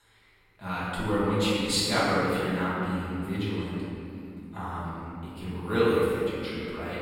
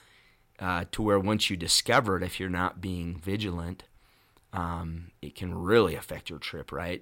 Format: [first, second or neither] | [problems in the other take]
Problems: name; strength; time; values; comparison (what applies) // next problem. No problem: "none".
second | room echo; strong; dies away in 2.5 s // off-mic speech; far